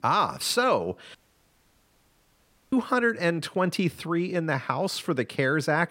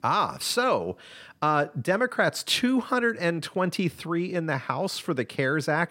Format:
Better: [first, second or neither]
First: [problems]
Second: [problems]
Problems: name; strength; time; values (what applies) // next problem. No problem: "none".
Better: second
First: audio cutting out; at 1 s for 1.5 s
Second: none